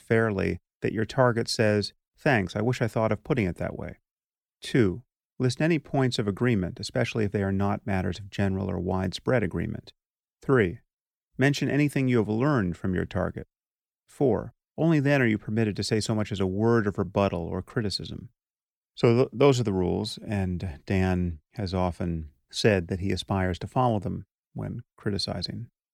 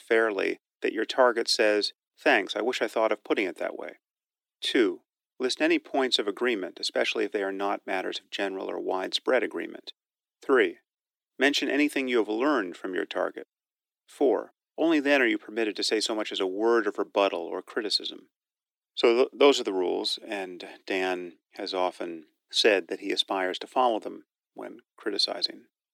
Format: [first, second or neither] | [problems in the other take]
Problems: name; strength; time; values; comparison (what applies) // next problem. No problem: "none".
first | thin; somewhat; fading below 300 Hz